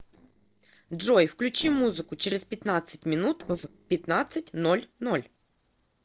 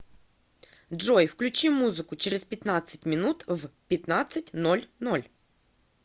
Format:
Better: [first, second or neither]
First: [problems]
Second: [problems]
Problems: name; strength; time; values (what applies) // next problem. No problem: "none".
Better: second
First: noise reduction (neural separator model SepFormer DNS4)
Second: none